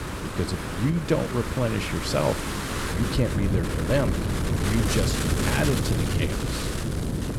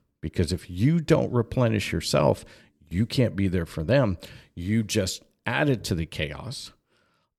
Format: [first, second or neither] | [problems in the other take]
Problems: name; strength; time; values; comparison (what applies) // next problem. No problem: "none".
second | wind noise on the microphone; heavy; 1 dB below the speech